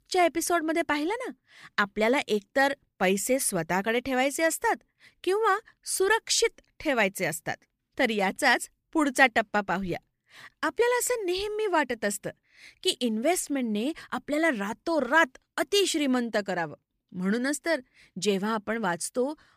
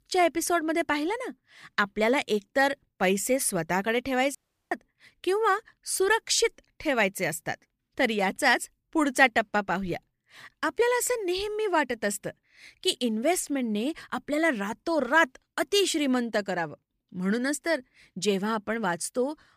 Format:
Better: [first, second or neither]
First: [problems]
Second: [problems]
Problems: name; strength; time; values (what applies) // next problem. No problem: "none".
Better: first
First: none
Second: audio cutting out; at 4.5 s